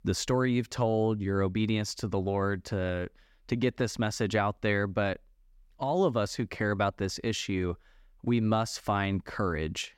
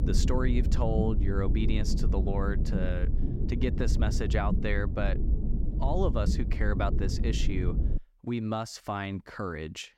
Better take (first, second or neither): first